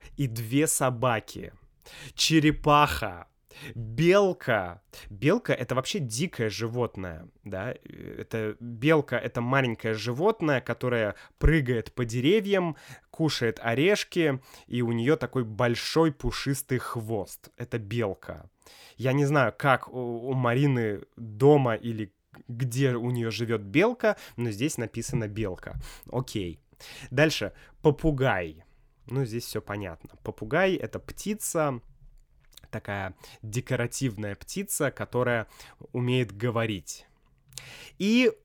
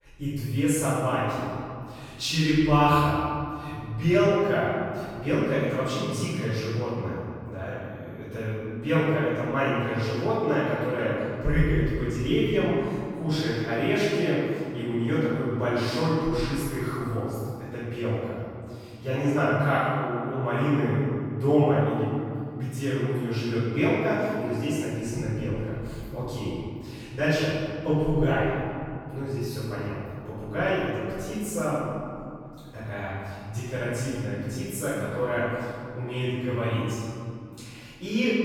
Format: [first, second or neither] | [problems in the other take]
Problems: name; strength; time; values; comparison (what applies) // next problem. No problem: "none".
first | off-mic speech; far // room echo; strong; dies away in 2.2 s